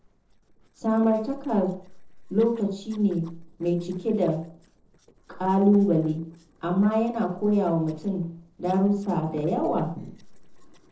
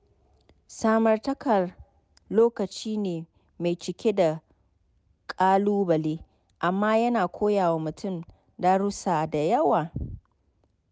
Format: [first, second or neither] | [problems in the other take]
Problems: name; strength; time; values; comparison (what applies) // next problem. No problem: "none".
second | noise reduction (neural separator model SepFormer DNS4)